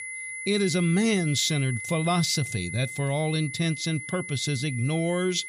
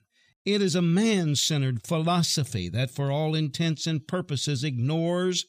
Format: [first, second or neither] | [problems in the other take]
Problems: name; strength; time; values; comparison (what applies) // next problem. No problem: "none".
second | high-pitched whine; loud; throughout; 2 kHz, 8 dB below the speech